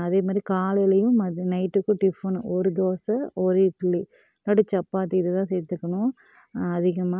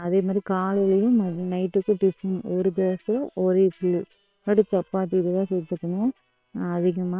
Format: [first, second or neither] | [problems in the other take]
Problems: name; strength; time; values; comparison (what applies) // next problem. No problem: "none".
first | noise reduction (neural separator model SepFormer WHAM!)